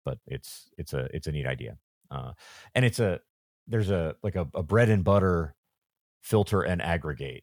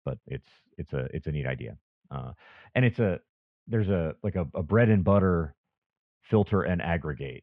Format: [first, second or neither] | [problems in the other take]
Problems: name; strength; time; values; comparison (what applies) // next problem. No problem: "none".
first | muffled; very; fading above 2.5 kHz